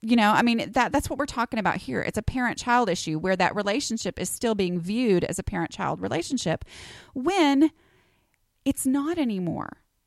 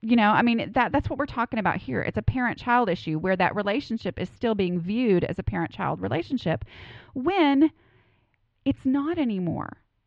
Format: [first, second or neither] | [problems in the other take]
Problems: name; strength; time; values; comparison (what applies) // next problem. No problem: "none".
first | muffled; slightly; fading above 3.5 kHz